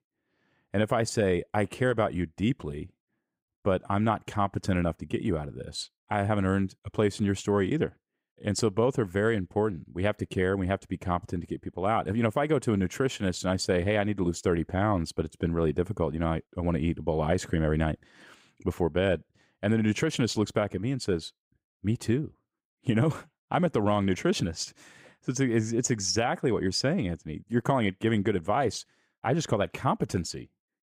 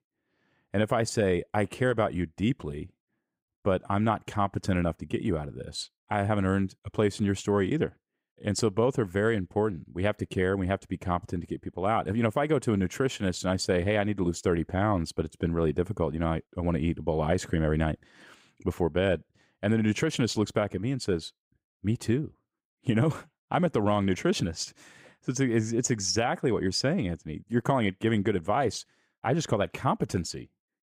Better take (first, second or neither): neither